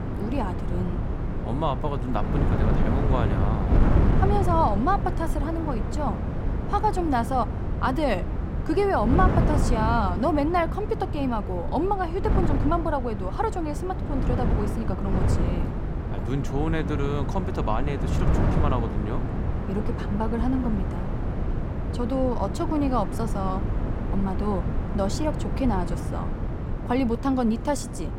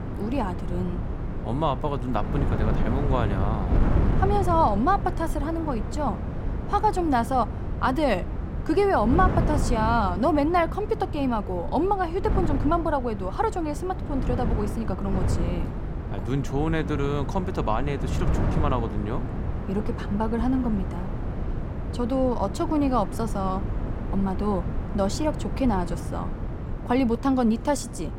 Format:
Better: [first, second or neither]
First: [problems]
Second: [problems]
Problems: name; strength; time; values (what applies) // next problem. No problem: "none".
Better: second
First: wind noise on the microphone; heavy; 7 dB below the speech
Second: wind noise on the microphone; occasional gusts; 10 dB below the speech